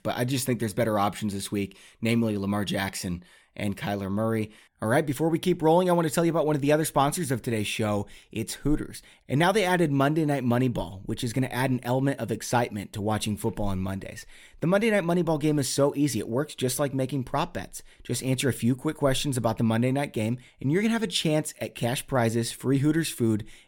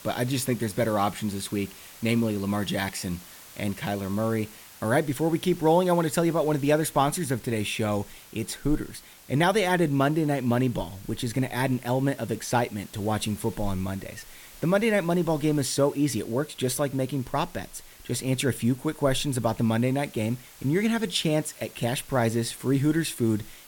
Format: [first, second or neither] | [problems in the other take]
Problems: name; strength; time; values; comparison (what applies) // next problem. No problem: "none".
first | hiss; faint; throughout; 20 dB below the speech